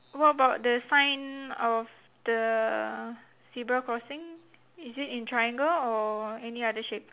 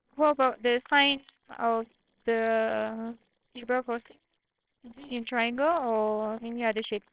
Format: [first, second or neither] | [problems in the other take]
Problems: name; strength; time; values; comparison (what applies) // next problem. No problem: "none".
first | noise reduction (neural separator model SepFormer WHAMR!)